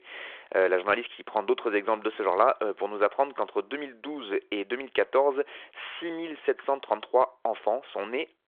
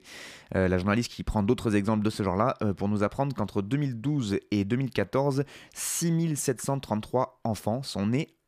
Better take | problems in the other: second | phone-call audio

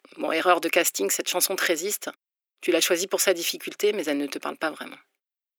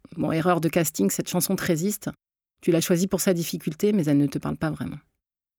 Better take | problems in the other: second | thin; very; fading below 350 Hz

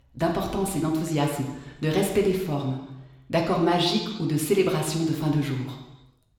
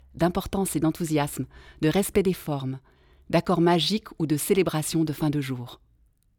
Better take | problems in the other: second | room echo; noticeable; dies away in 0.9 s // off-mic speech; somewhat distant

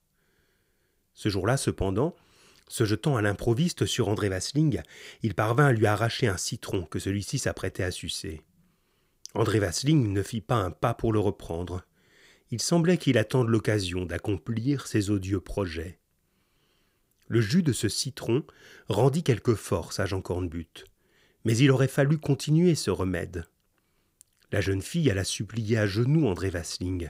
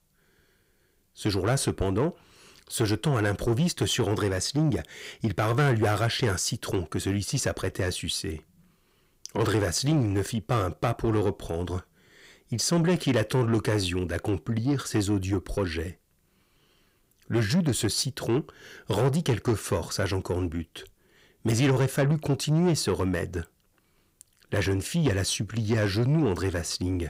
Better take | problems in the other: first | distortion; slight; 10 dB below the speech

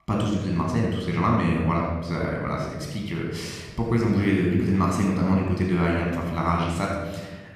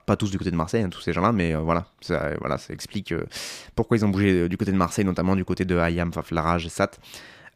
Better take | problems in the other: second | off-mic speech; somewhat distant // room echo; noticeable; dies away in 1.2 s

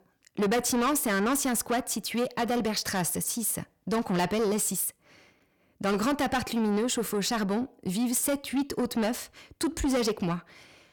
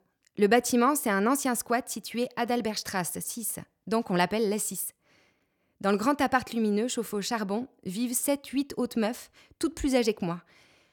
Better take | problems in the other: second | distortion; heavy; 7 dB below the speech

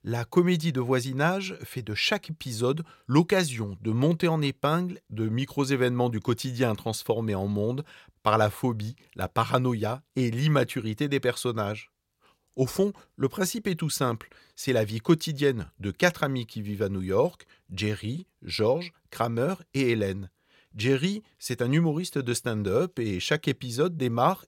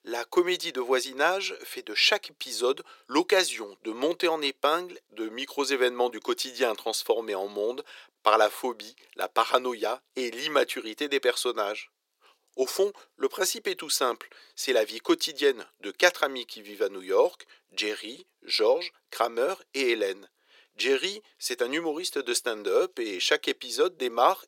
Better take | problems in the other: first | thin; very; fading below 350 Hz

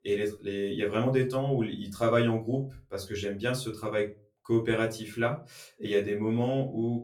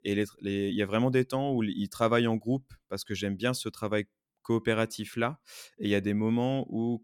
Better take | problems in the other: second | off-mic speech; far // room echo; very slight; dies away in 0.3 s

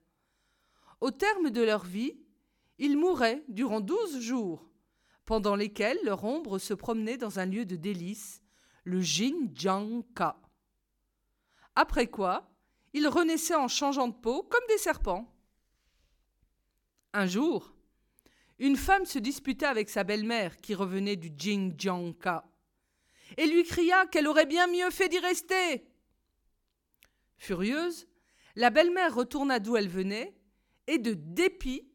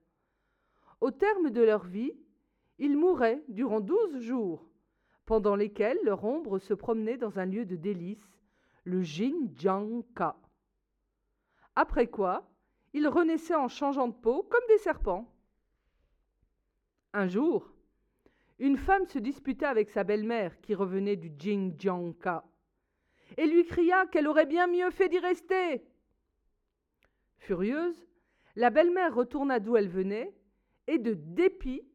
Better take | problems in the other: first | muffled; very; fading above 3.5 kHz

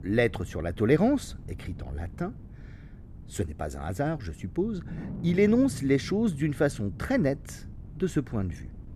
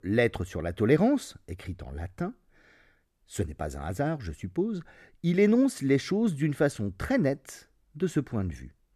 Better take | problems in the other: second | wind noise on the microphone; occasional gusts; 20 dB below the speech

